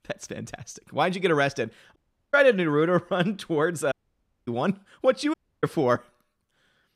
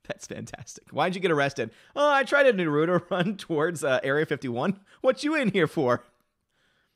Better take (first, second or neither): second